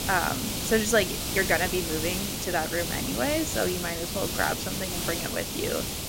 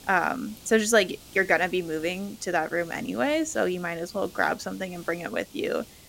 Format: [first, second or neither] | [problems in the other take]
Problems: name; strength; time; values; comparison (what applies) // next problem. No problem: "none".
second | hiss; loud; throughout; 1 dB below the speech; faint in the second